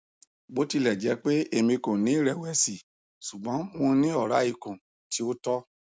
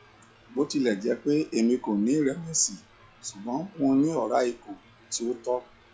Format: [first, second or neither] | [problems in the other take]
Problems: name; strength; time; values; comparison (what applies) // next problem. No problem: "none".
first | noise reduction (classical method log-MMSE)